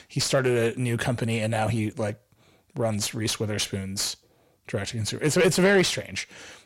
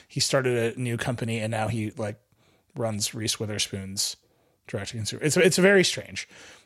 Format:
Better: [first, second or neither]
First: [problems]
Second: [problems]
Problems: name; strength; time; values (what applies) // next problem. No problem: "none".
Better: second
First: distortion; slight; 10 dB below the speech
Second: none